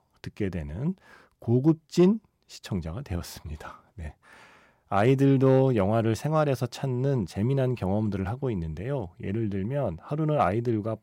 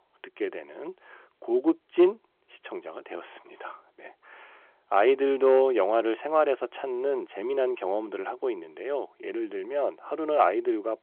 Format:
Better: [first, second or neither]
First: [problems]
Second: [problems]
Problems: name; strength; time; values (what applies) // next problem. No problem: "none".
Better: first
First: none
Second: phone-call audio